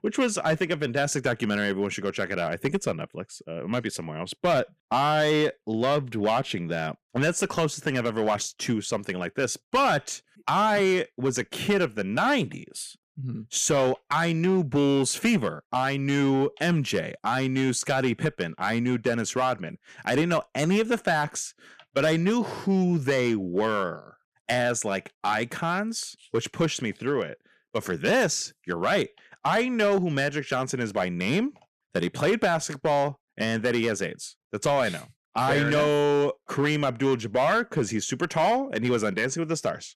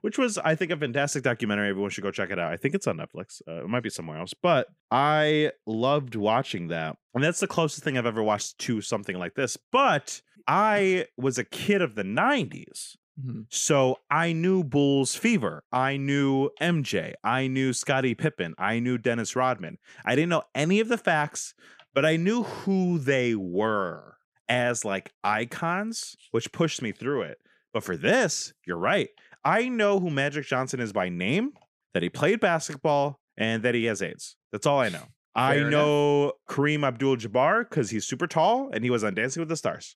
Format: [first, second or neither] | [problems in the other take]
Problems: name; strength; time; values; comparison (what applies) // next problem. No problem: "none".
second | distortion; slight; 5% of the sound clipped